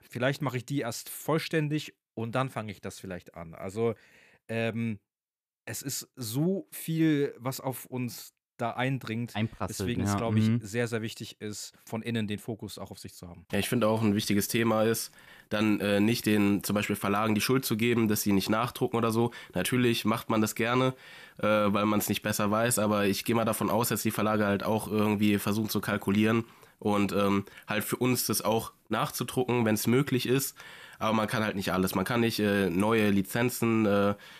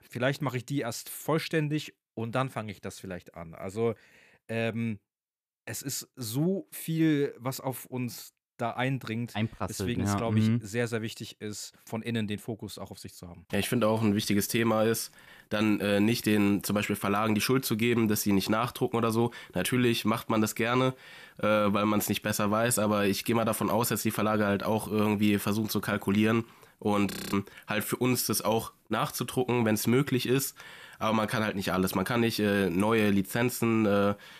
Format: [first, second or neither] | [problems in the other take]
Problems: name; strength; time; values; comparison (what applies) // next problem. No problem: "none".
first | audio freezing; at 27 s